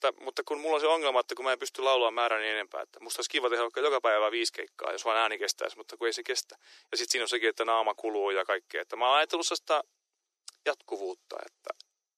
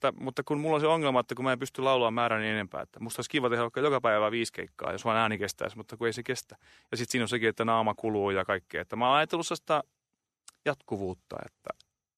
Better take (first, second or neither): second